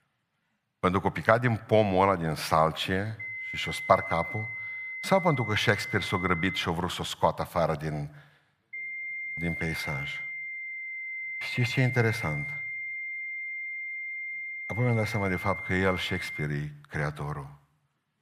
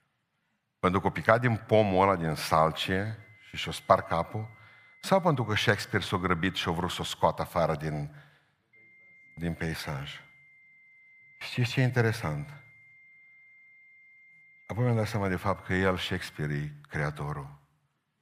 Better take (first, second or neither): second